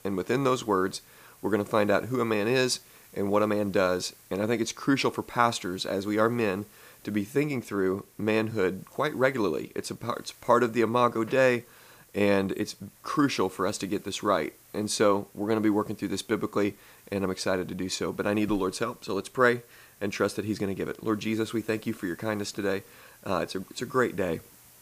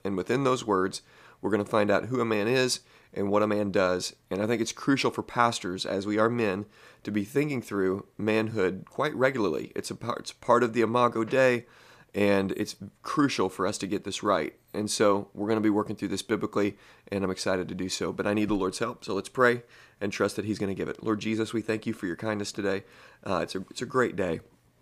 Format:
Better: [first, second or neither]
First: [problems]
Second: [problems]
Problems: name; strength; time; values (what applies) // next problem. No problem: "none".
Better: second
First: hiss; faint; throughout; 25 dB below the speech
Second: none